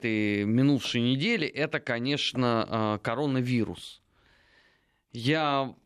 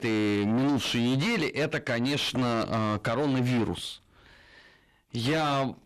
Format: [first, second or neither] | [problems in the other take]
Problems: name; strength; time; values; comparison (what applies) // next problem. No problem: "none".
first | distortion; heavy; 6 dB below the speech